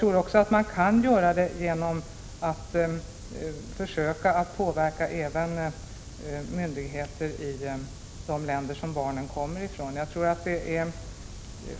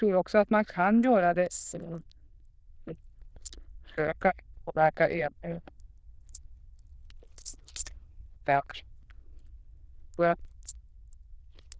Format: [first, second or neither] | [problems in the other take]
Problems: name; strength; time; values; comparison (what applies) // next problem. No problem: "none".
first | noise reduction (neural diffusion model UNIVERSE++)